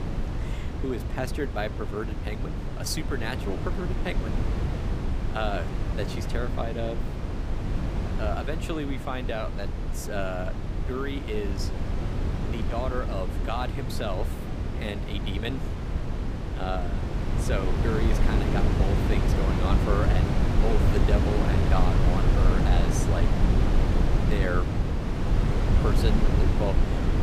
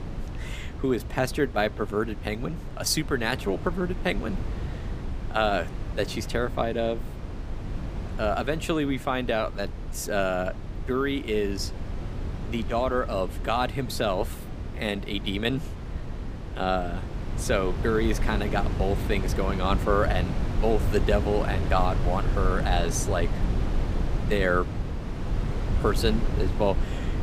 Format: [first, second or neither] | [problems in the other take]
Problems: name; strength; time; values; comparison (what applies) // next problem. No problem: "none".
second | wind noise on the microphone; heavy; 2 dB below the speech; occasional gusts in the second